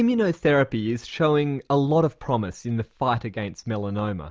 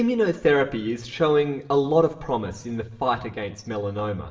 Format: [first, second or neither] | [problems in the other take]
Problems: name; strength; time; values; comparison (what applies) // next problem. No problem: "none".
first | room echo; dies away in 0.8 s